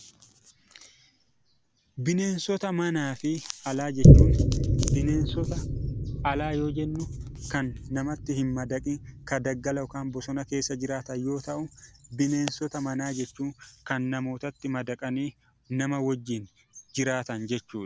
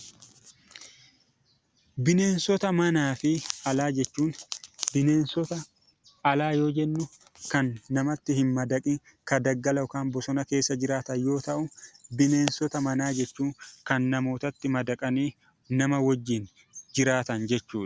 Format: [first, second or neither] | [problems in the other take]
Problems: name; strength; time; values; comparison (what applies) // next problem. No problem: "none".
second | background sound (Boom); 3 dB above the speech